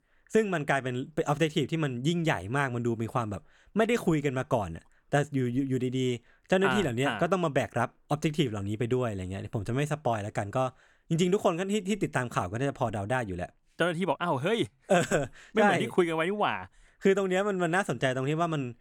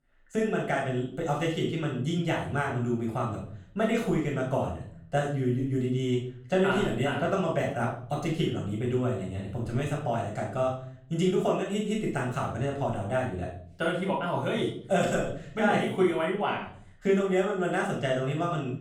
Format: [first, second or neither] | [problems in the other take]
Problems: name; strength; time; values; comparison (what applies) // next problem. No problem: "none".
first | room echo; noticeable; dies away in 0.6 s // off-mic speech; far